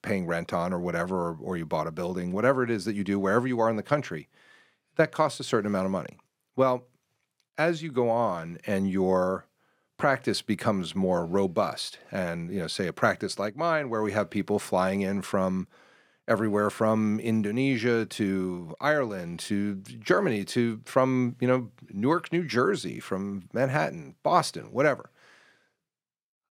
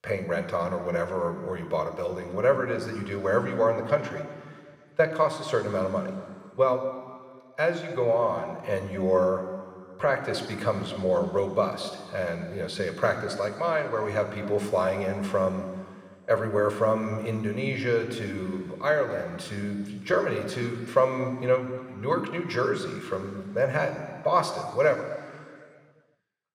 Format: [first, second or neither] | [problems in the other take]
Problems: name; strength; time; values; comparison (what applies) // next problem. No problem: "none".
first | room echo; noticeable; dies away in 2.2 s